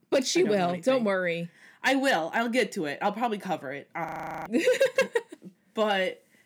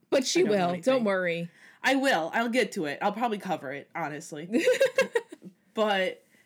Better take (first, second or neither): second